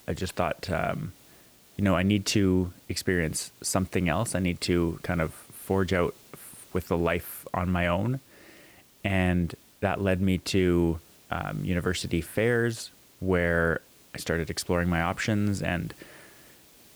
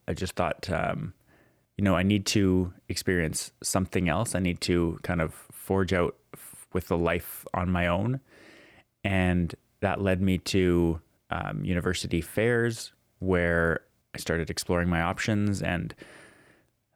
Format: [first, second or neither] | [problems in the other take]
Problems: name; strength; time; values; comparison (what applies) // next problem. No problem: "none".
second | hiss; faint; throughout; 25 dB below the speech